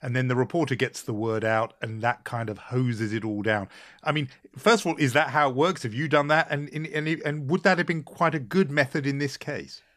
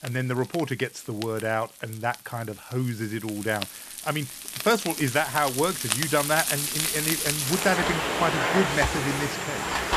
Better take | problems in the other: first | household noises; very loud; throughout; as loud as the speech

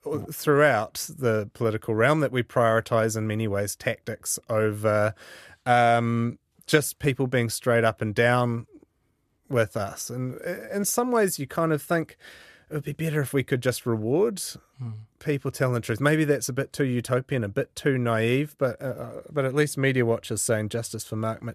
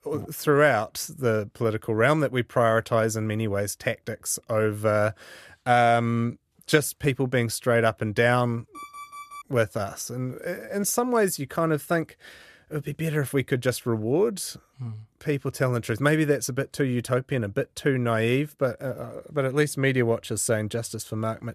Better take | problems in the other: first | alarm; faint; at 9 s; peak 15 dB below the speech

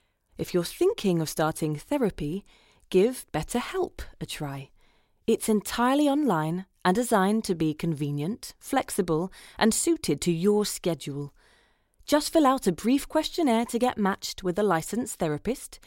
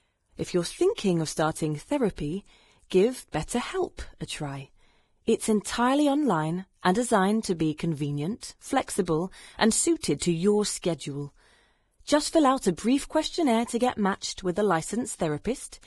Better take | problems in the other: first | garbled, watery; badly; nothing above 10.5 kHz

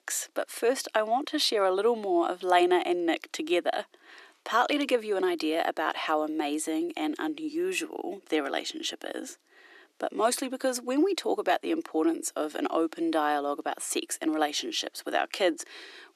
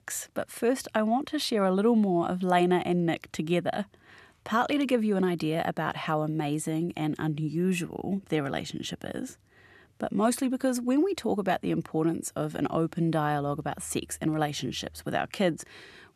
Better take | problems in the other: second | thin; somewhat; fading below 300 Hz

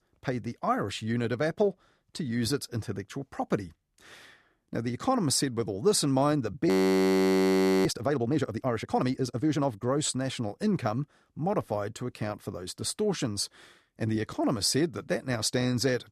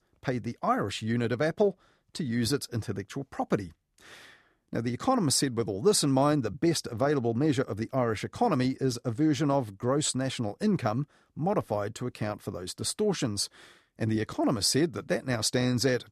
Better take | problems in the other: second | audio freezing; at 6.5 s for 1 s

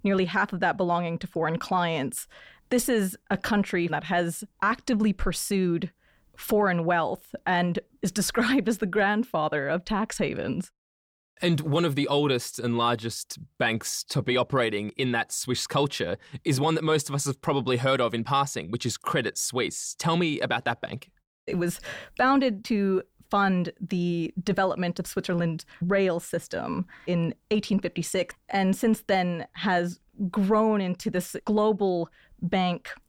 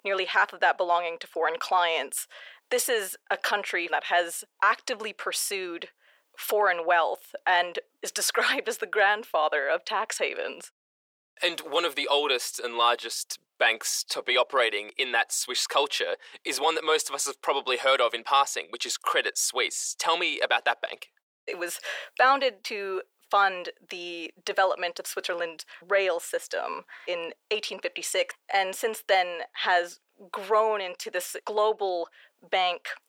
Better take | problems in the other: first | thin; very; fading below 450 Hz

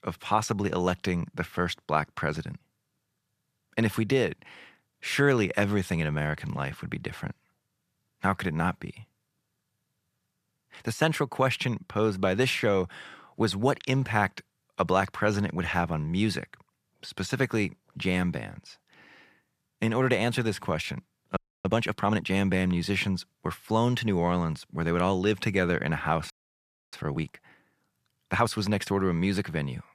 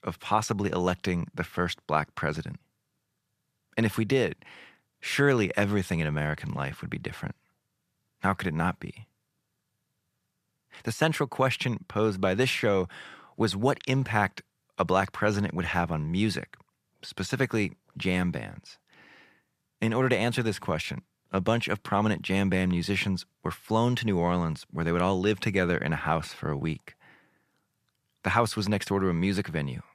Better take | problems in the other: second | audio freezing; at 21 s and at 26 s for 0.5 s

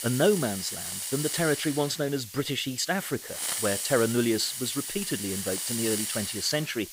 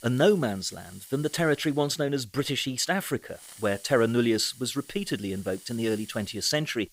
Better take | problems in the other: second | hiss; loud; throughout; 4 dB below the speech; faint in the second

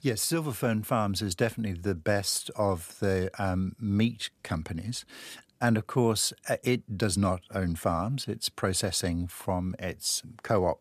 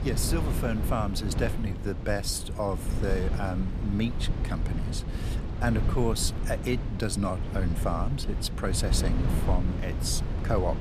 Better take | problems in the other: first | wind noise on the microphone; heavy; 8 dB below the speech

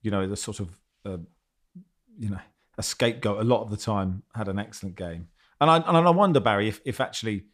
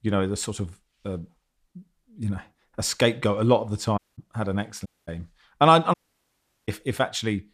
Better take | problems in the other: first | audio cutting out; at 4 s, at 5 s and at 6 s for 0.5 s

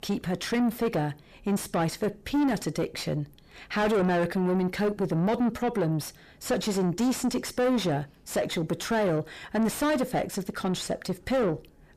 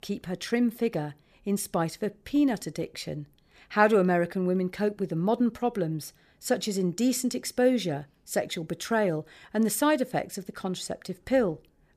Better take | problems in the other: second | distortion; heavy; 6 dB below the speech

